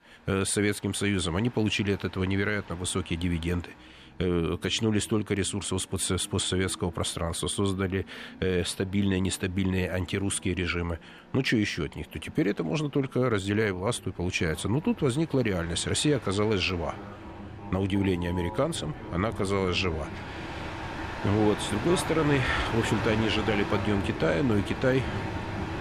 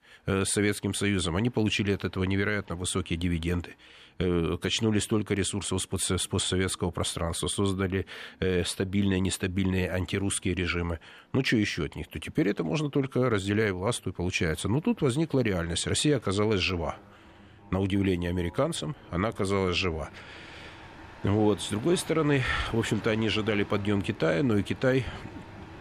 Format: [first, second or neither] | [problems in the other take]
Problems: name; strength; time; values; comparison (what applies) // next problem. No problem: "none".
second | train or aircraft noise; loud; throughout; 9 dB below the speech; faint in the second